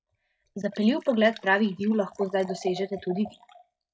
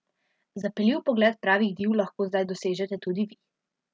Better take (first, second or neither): second